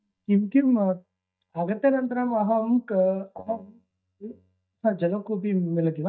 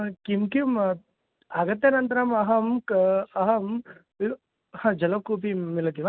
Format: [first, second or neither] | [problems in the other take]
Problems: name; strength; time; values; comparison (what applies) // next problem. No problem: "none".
second | noise reduction (neural mask model DeepFilterNet 3)